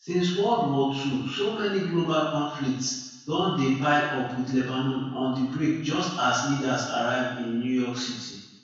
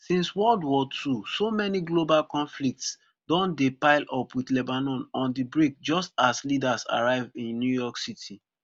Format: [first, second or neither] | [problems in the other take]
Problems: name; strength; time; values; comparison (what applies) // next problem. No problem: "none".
second | room echo; dies away in 1.1 s